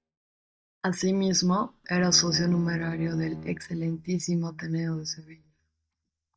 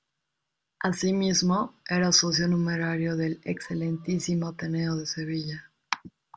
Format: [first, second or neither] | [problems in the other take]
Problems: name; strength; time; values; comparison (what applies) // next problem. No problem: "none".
second | noise reduction (neural mask model DeepFilterNet 3)